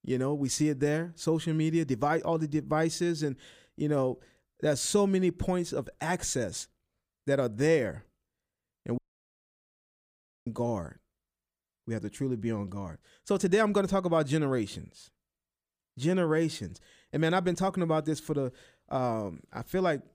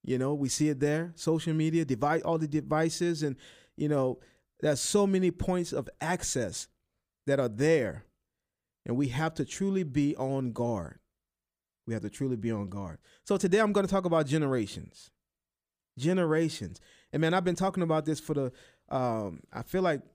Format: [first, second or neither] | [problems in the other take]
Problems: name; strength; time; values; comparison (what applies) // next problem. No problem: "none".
second | audio cutting out; at 9 s for 1.5 s